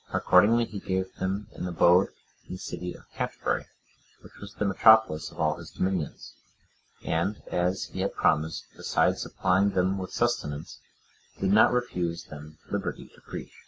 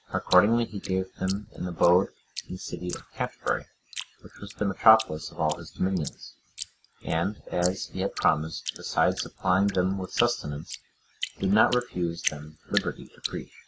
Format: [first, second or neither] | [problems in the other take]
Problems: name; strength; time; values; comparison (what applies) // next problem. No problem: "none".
first | noise reduction (neural mask model Resemble Enhance denoiser)